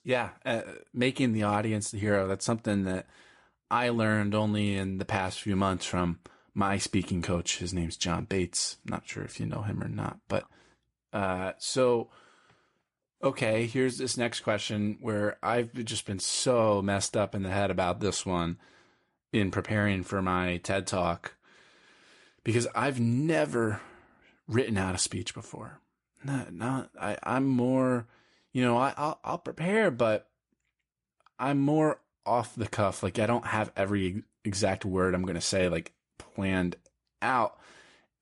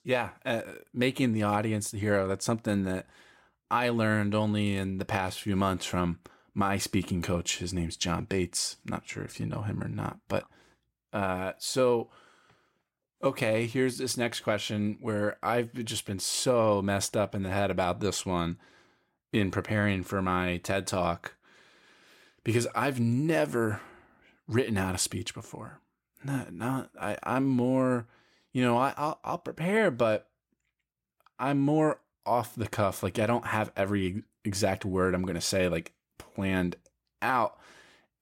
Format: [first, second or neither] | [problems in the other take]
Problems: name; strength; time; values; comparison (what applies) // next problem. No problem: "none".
second | garbled, watery; slightly; nothing above 10.5 kHz